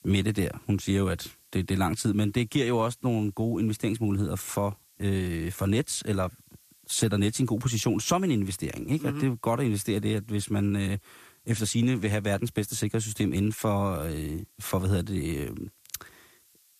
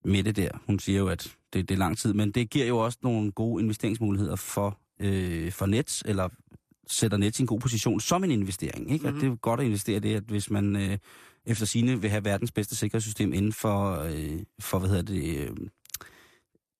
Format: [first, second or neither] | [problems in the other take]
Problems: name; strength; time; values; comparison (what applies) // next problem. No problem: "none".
second | hiss; faint; throughout; 30 dB below the speech